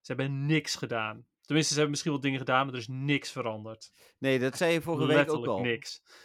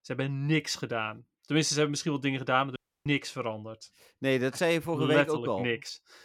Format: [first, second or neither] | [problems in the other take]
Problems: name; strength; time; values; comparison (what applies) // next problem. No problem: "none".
first | audio cutting out; at 3 s